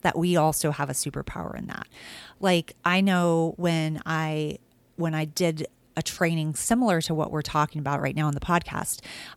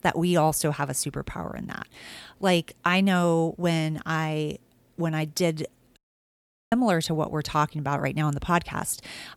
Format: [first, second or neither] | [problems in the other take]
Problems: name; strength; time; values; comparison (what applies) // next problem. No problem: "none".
first | audio cutting out; at 6 s for 1 s